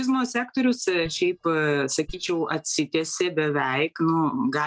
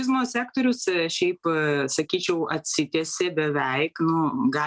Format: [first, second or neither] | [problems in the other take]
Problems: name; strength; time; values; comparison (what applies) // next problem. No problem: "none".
second | noise reduction (neural mask model DeepFilterNet 3)